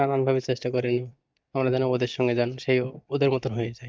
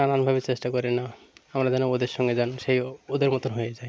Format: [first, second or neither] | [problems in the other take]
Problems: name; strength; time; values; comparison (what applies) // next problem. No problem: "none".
second | noise reduction (neural mask model DeepFilterNet 3)